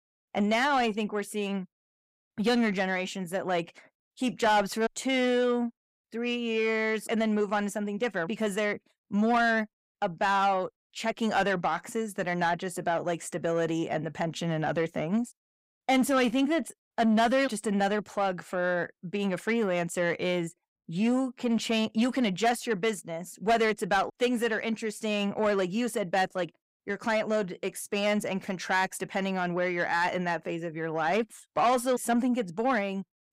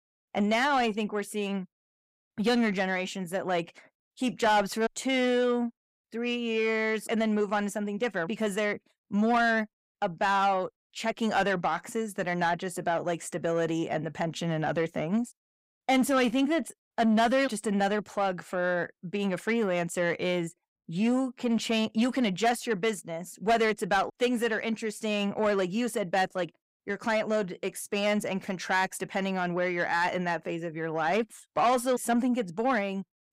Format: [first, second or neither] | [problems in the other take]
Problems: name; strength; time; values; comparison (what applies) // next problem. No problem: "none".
neither | distortion; slight; 10 dB below the speech; the same in both